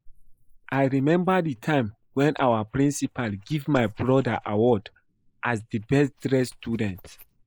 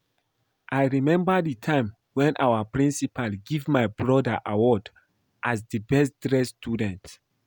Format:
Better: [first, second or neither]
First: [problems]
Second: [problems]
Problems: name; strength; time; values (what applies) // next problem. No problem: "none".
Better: second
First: noise reduction (neural mask model Resemble Enhance denoiser)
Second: none